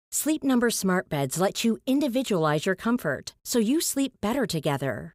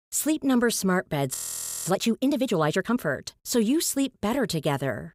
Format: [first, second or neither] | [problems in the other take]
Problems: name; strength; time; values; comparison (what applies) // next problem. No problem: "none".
first | audio freezing; at 1.5 s for 0.5 s